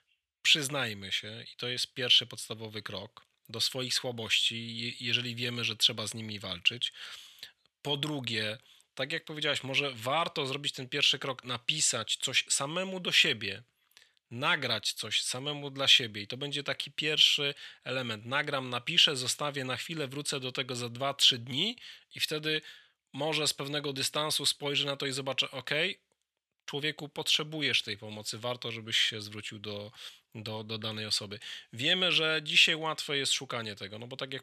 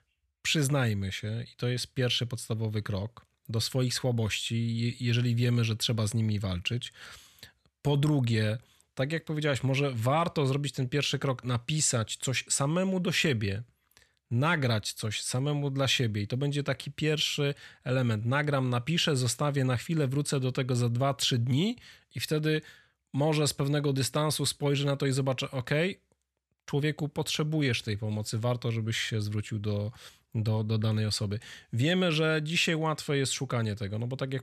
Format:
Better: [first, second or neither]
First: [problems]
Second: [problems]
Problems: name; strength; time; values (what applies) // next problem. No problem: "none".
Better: second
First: thin; somewhat; fading below 550 Hz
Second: none